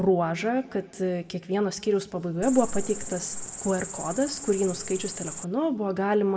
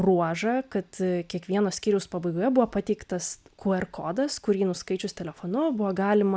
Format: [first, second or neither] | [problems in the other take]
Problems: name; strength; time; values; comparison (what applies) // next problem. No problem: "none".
second | background sound (Cricket); 7 dB below the speech // room echo; dies away in 1.2 s